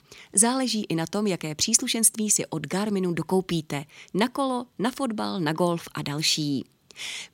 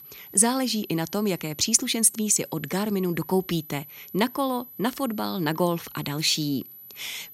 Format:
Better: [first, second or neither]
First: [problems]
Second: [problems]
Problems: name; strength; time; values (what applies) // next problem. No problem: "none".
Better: first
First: none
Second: high-pitched whine; noticeable; throughout; 12 kHz, 15 dB below the speech